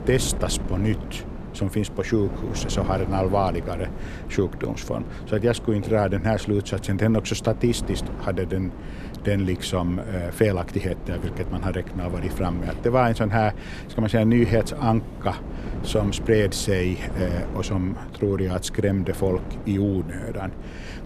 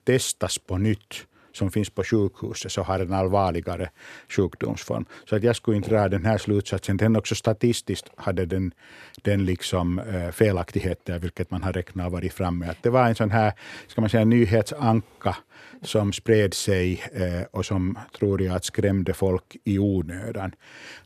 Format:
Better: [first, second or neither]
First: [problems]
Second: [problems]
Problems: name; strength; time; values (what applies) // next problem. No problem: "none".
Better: second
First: wind noise on the microphone; occasional gusts; 15 dB below the speech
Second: none